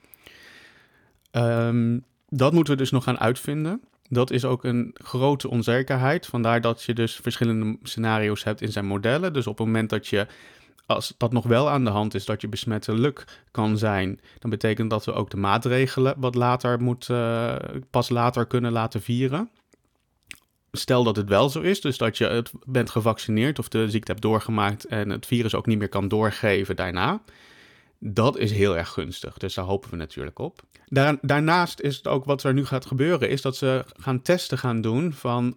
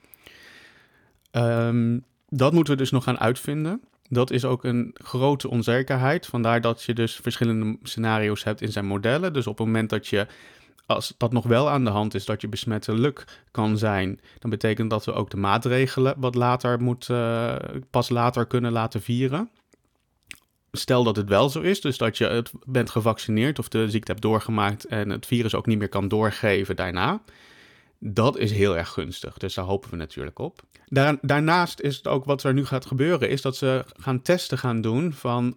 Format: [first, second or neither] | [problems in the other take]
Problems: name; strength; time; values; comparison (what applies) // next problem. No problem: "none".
neither | none